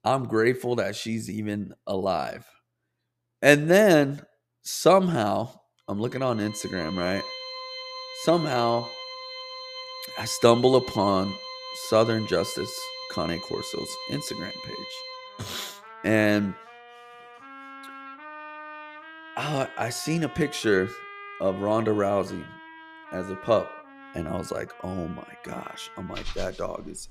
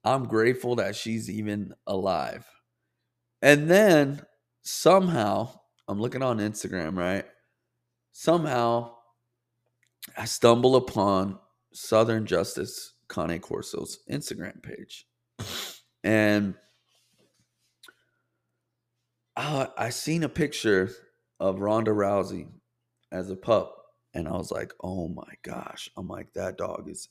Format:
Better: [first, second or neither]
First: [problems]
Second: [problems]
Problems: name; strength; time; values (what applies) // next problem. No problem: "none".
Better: second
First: background music; noticeable; from 6.5 s on; 15 dB below the speech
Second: none